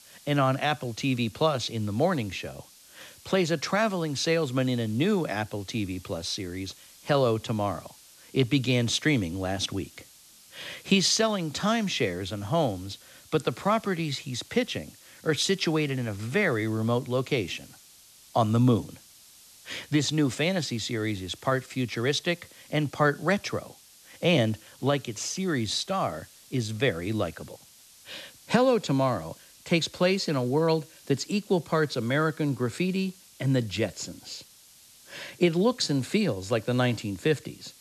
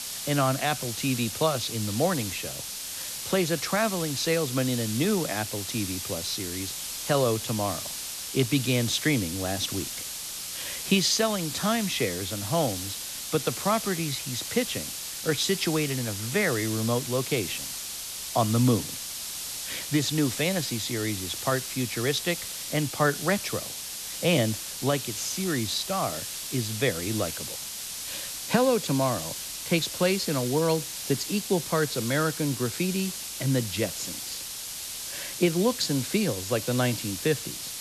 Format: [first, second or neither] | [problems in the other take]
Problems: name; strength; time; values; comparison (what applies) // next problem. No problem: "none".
first | hiss; loud; throughout; 5 dB below the speech; faint in the first